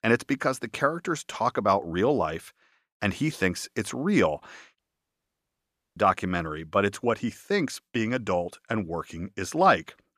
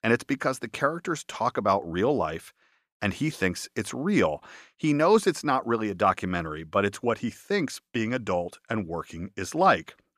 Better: second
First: audio cutting out; at 5 s for 1 s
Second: none

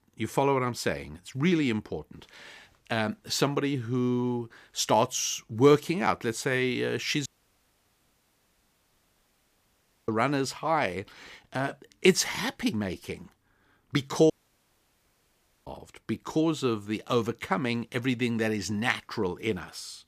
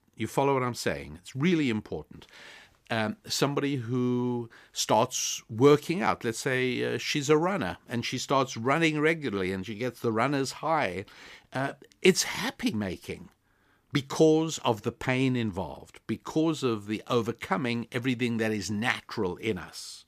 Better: second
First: audio cutting out; at 7.5 s for 3 s and at 14 s for 1.5 s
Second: none

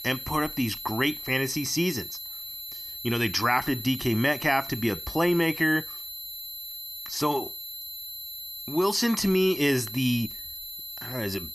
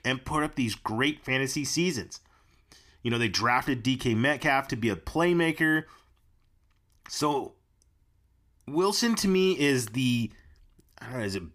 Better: second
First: high-pitched whine; loud; throughout; 4 kHz, 9 dB below the speech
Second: none

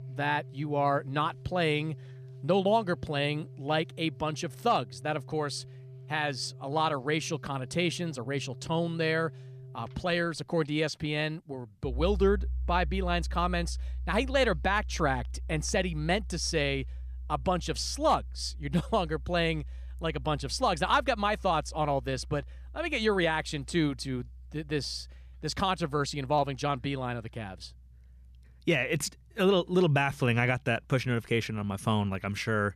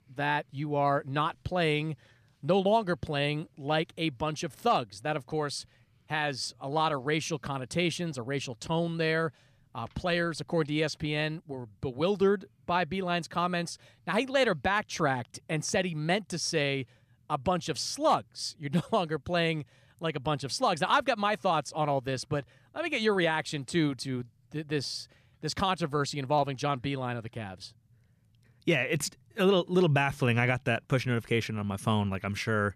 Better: second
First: background music; noticeable; throughout; 15 dB below the speech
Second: none

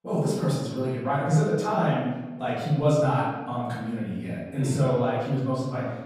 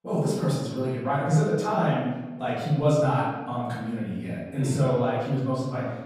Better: neither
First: room echo; noticeable; dies away in 1.1 s // off-mic speech; far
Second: room echo; noticeable; dies away in 1.1 s // off-mic speech; far

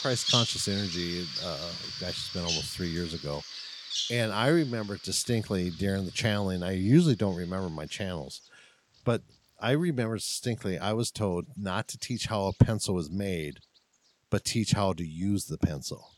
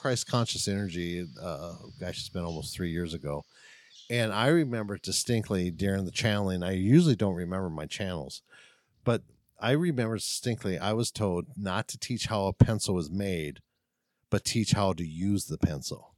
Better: second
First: animal sounds; loud; throughout; 4 dB below the speech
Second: animal sounds; faint; throughout; 25 dB below the speech

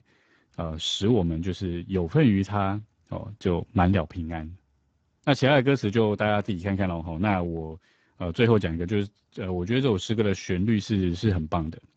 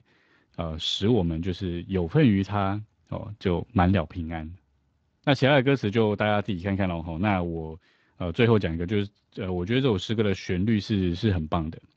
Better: second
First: garbled, watery; badly; nothing above 7.5 kHz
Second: garbled, watery; slightly

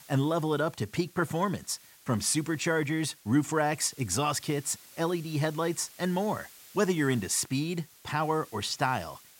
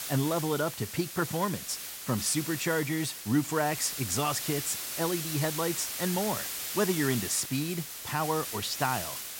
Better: first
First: hiss; faint; throughout; 20 dB below the speech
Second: hiss; loud; throughout; 4 dB below the speech

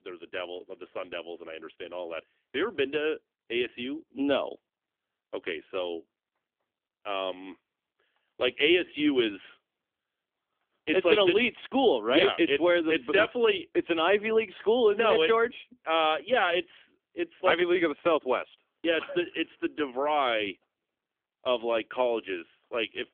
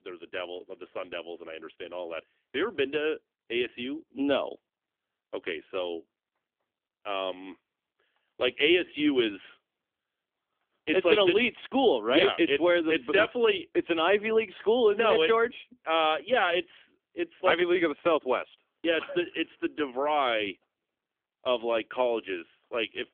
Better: neither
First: phone-call audio; nothing above 3.5 kHz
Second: phone-call audio; nothing above 3.5 kHz

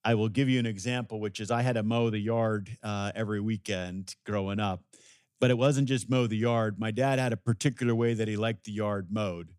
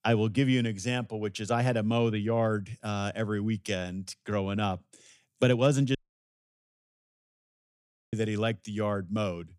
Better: first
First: none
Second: audio cutting out; at 6 s for 2 s

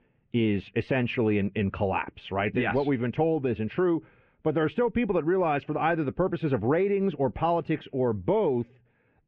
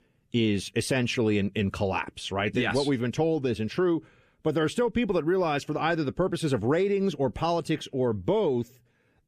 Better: second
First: muffled; very; fading above 2.5 kHz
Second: none

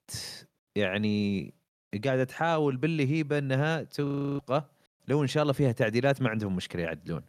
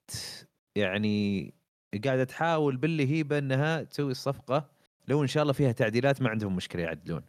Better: second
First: audio freezing; at 4 s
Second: none

